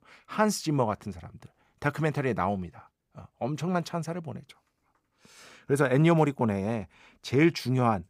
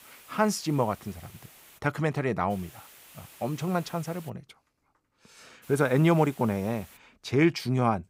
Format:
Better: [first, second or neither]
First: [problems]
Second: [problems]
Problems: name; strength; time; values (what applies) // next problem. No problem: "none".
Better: first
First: none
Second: hiss; faint; until 2 s, from 2.5 to 4.5 s and from 5.5 to 7 s; 25 dB below the speech